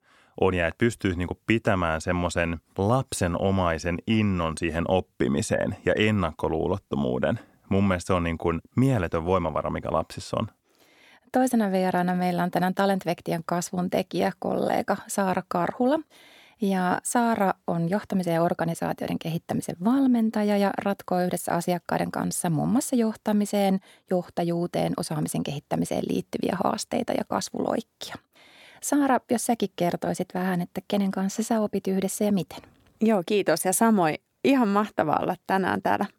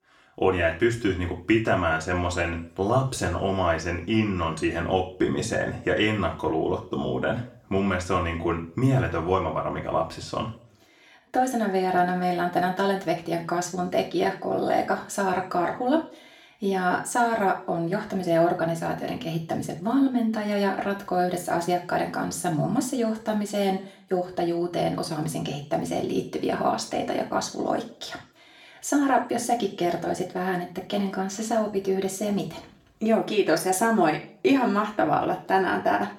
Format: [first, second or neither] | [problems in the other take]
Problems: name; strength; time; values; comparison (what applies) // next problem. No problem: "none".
first | room echo; slight; dies away in 0.4 s // off-mic speech; far